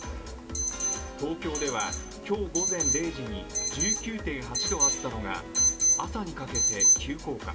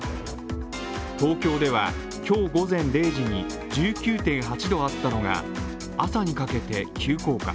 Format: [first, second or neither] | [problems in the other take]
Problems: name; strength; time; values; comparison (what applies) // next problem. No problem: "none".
second | background sound (Alarm); 4 dB above the speech // room echo; dies away in 0.1 s